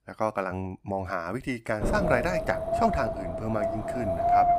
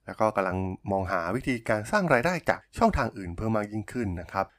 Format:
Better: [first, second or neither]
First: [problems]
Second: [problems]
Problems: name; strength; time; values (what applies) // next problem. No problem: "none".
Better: second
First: wind noise on the microphone; heavy; from 2 s on; 3 dB above the speech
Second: none